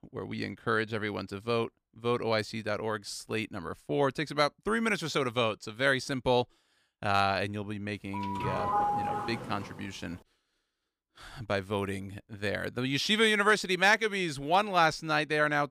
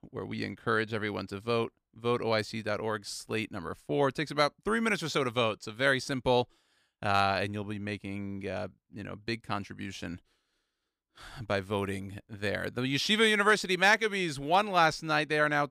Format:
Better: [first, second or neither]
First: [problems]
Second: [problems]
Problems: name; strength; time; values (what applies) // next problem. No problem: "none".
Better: second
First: doorbell; loud; from 8 to 9.5 s; peak 1 dB above the speech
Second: none